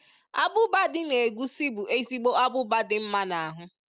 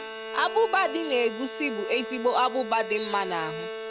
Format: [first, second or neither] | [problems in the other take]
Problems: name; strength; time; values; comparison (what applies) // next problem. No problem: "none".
first | background sound (Bowed string instrument); 8 dB below the speech